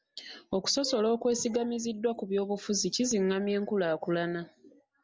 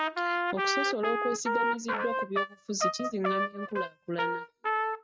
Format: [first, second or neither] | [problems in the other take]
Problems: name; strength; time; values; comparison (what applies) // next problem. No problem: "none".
first | noise reduction (neural mask model RNNoise)